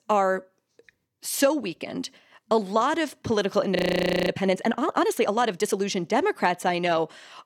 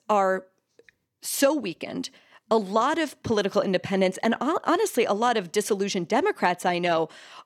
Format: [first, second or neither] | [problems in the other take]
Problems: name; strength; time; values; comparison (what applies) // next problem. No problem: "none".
second | audio freezing; at 4 s for 0.5 s